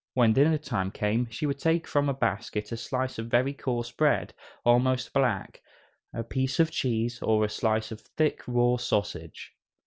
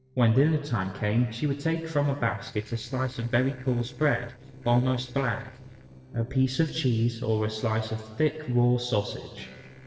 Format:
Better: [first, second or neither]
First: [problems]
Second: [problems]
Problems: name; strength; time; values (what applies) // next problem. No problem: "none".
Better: first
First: none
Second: noise reduction (neural separator model SepFormer DNS4)